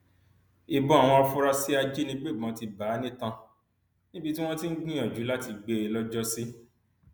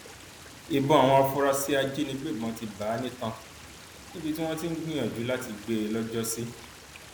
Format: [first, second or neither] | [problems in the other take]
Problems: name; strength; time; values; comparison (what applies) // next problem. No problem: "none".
first | background sound (Stream); 18 dB below the speech